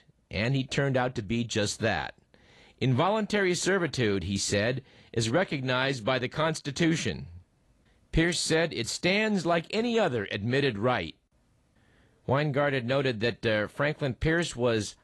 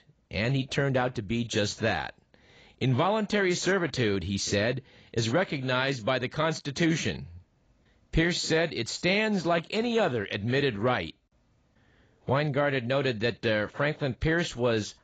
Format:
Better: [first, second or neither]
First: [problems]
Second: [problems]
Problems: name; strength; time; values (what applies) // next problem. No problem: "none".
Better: first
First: garbled, watery; slightly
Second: garbled, watery; badly; nothing above 7.5 kHz